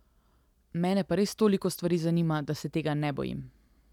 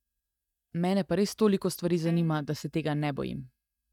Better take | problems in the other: first | noise reduction (neural mask model DeepFilterNet 3)

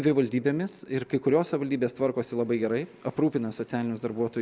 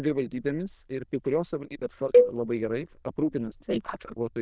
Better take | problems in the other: first | noise reduction (neural diffusion model UNIVERSE++)

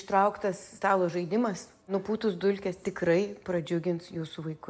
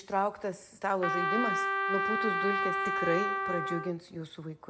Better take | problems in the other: first | background sound (Trumpet); 3 dB above the speech

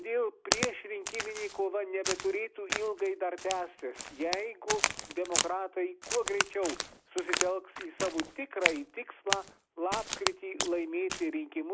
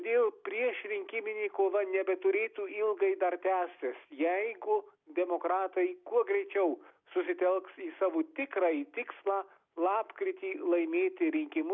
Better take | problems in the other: second | background sound (Crack); 2 dB below the speech

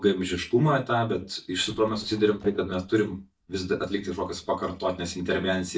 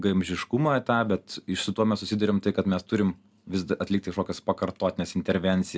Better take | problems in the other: second | noise reduction (neural mask model DeepFilterNet 3)

